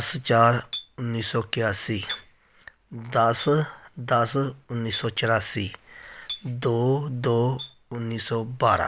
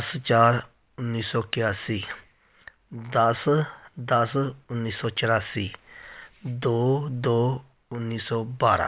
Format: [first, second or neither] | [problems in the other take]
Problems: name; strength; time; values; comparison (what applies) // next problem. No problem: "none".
second | background sound (Chink, clink); 18 dB below the speech